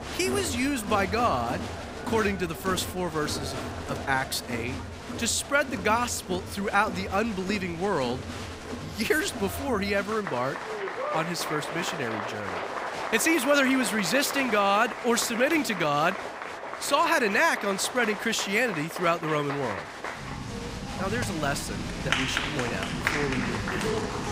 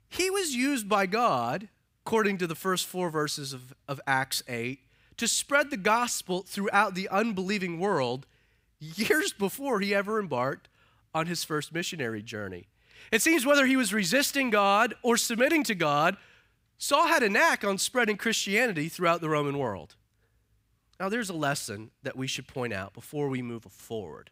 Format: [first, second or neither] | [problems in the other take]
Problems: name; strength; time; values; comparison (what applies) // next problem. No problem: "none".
second | crowd noise; loud; throughout; 7 dB below the speech